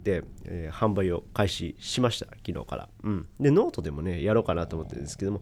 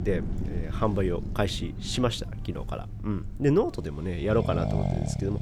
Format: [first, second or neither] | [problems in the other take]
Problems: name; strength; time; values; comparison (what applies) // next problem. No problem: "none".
first | traffic noise; loud; throughout; 4 dB below the speech; faint in the first